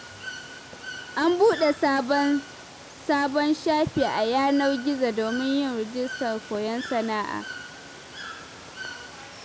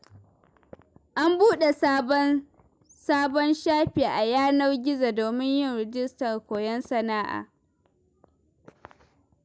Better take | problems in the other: second | background sound (Water / Bird); 13 dB below the speech

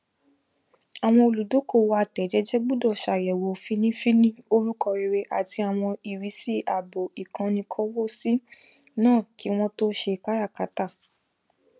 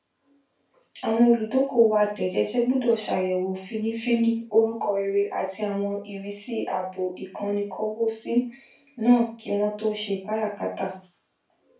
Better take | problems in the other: first | room echo; dies away in 0.3 s

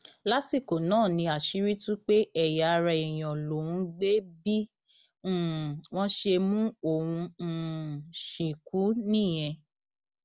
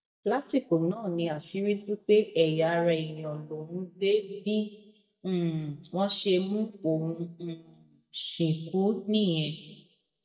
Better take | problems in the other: first | noise reduction (neural mask model DeepFilterNet 3)

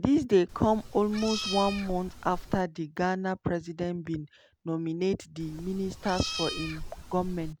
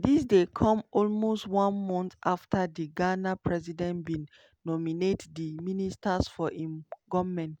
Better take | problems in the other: second | background sound (Meow); 9 dB below the speech

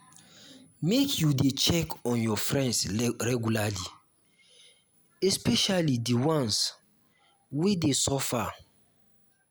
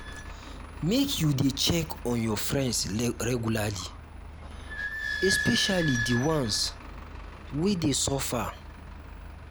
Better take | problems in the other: first | background sound (Squeak / Idling); 8 dB below the speech

